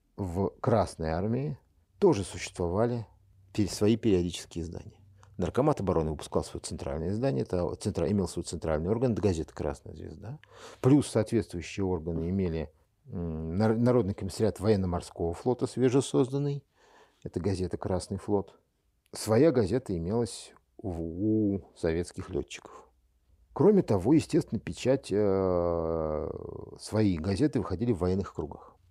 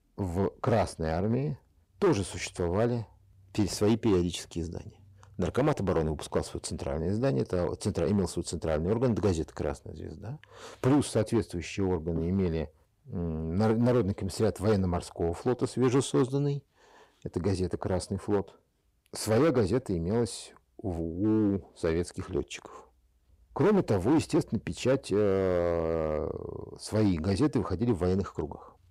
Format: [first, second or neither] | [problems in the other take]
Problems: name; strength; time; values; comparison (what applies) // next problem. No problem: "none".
first | distortion; slight; 5% of the sound clipped